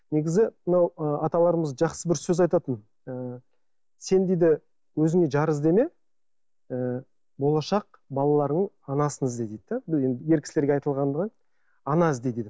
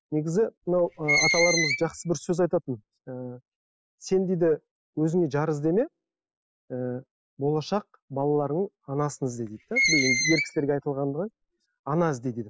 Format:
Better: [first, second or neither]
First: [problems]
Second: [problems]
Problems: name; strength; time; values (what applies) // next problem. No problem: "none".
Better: first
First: none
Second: noise reduction (classical method spectral subtraction)